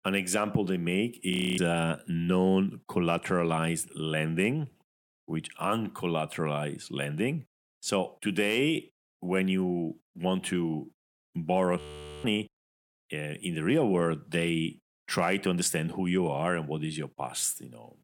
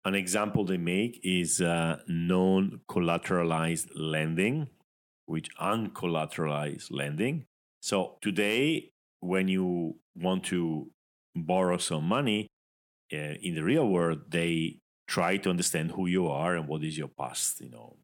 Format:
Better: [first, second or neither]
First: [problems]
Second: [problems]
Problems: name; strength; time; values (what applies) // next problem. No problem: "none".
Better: second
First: audio freezing; at 1.5 s and at 12 s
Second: none